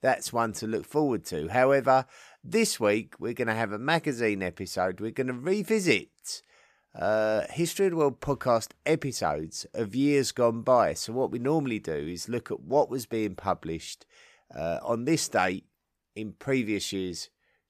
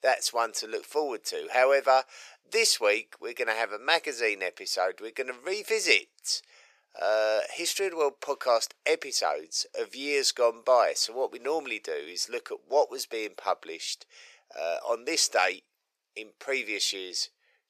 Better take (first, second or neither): first